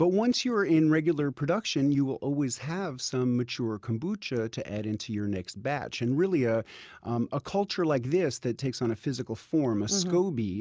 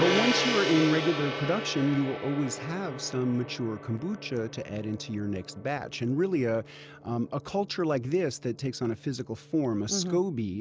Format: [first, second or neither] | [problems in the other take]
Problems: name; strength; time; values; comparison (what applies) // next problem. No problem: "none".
first | background sound (Gong); 7 dB below the speech